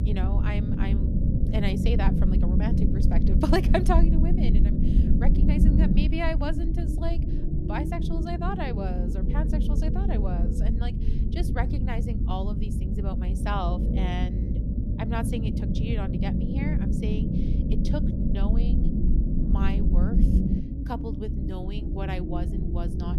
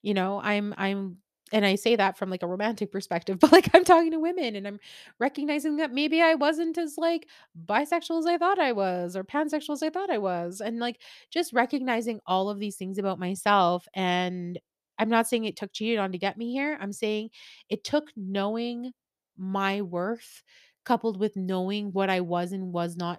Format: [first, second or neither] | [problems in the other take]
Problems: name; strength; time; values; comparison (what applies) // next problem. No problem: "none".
second | low rumble; loud; throughout; 2 dB below the speech